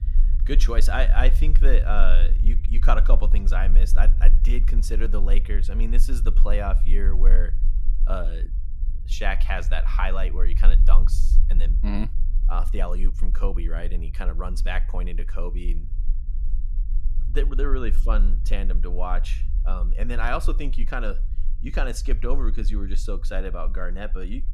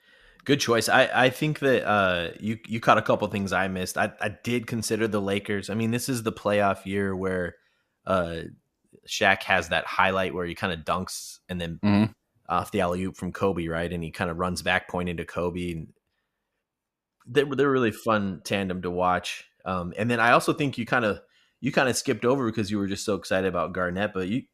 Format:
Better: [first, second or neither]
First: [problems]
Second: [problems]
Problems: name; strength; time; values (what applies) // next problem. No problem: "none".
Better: second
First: low rumble; noticeable; throughout; 15 dB below the speech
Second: none